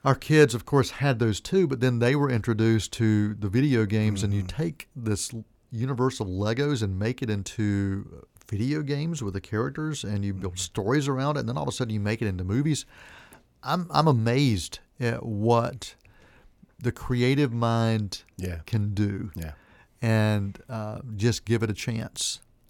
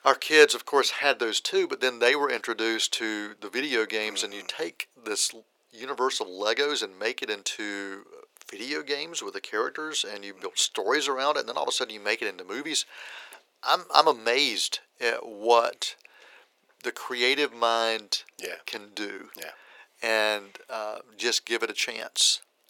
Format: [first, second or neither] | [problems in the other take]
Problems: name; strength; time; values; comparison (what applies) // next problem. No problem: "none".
first | thin; very; fading below 400 Hz